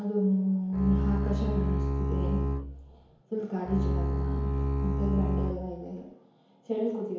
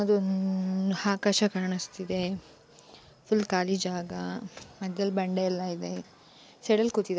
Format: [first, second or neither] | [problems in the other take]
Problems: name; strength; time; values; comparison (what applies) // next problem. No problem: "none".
second | background sound (Bowed string instrument); 2 dB above the speech // room echo; dies away in 1 s